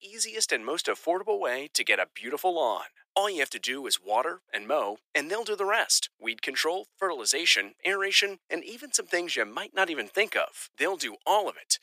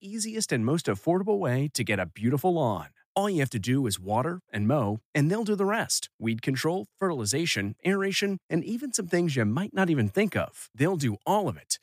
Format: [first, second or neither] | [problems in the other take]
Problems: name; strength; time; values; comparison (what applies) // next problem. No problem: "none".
second | thin; very; fading below 400 Hz